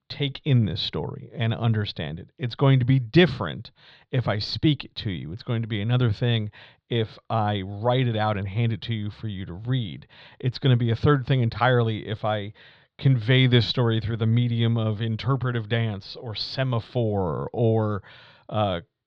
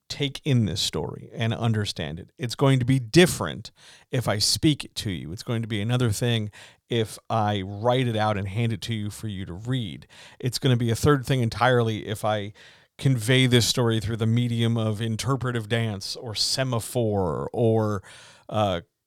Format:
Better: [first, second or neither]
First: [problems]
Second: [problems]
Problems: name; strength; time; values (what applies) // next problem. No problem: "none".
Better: second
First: muffled; very slightly; fading above 4 kHz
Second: none